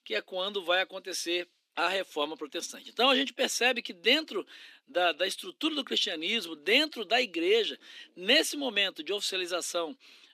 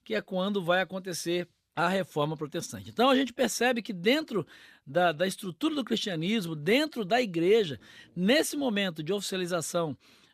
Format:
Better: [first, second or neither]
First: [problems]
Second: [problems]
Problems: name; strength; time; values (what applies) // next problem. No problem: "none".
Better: second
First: thin; very slightly; fading below 250 Hz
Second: none